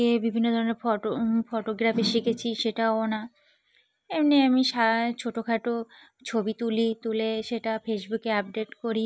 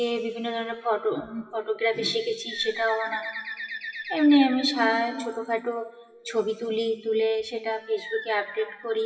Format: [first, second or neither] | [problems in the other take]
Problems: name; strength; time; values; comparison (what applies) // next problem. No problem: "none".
first | noise reduction (classical method WPE with log-MMSE)